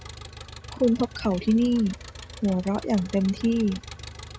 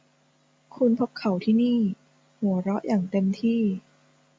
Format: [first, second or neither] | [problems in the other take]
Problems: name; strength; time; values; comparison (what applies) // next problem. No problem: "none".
second | background sound (Engine); 15 dB below the speech